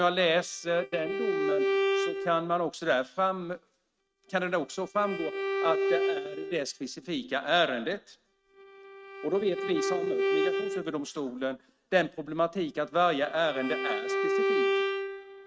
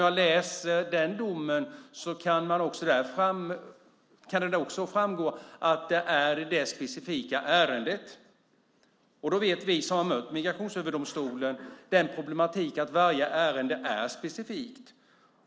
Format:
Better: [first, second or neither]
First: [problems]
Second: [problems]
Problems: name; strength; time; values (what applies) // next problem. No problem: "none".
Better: second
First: noise reduction (neural mask model RNNoise)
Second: none